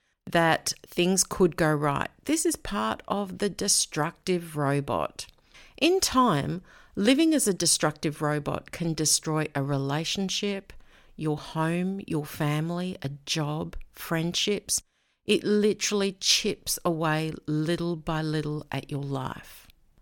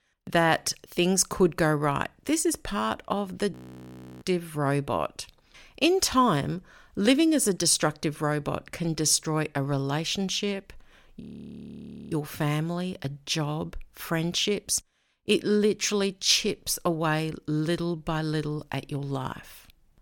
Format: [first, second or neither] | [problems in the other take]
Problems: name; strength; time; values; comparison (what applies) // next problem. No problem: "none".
first | audio freezing; at 3.5 s for 0.5 s and at 11 s for 1 s